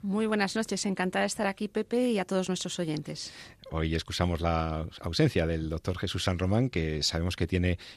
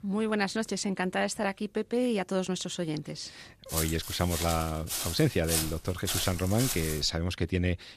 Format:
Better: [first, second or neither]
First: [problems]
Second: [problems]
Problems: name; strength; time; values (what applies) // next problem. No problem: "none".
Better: first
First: none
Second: footsteps; loud; from 3.5 to 7 s; peak 1 dB above the speech